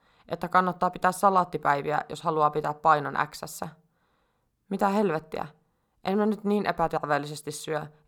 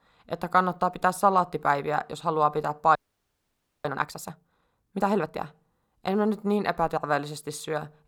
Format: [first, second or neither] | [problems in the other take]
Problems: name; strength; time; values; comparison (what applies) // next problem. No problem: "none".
first | audio freezing; at 3 s for 1 s